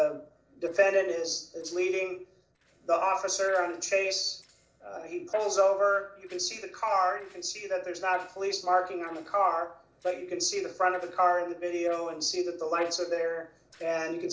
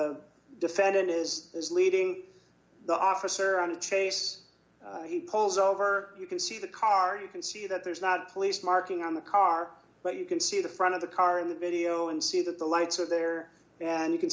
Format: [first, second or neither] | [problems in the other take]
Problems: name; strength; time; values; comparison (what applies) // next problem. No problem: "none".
second | noise reduction (neural separator model SepFormer DNS4)